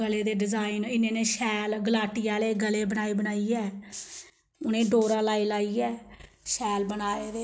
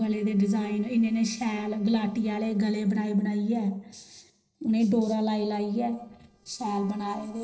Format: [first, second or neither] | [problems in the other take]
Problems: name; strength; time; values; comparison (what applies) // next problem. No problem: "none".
first | noise reduction (neural separator model SepFormer DNS4)